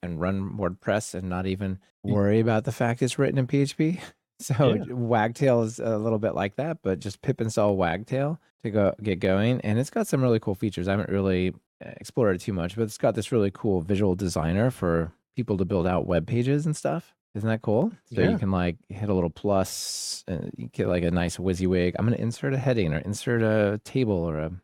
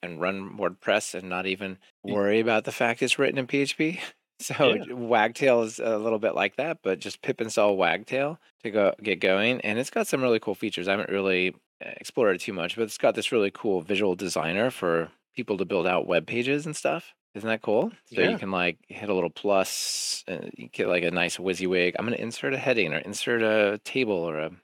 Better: first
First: none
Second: thin; somewhat; fading below 300 Hz

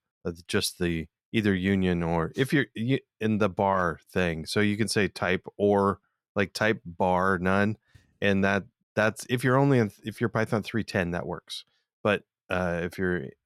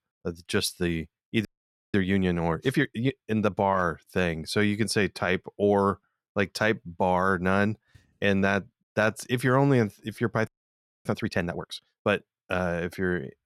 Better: first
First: none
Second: audio freezing; at 1.5 s and at 10 s for 0.5 s

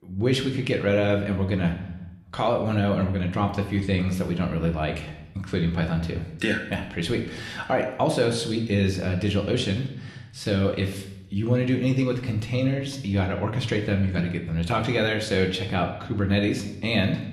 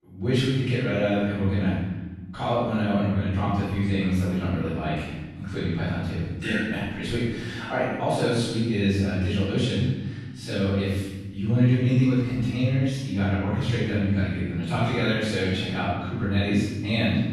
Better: first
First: room echo; slight; dies away in 0.7 s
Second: room echo; strong; dies away in 1.2 s // off-mic speech; far

